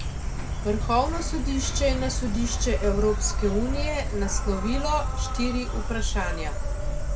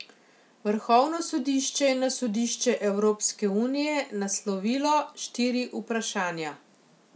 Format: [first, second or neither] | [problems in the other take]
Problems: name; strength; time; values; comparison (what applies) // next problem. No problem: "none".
second | background sound (Insect); 2 dB above the speech // room echo; dies away in 1.5 s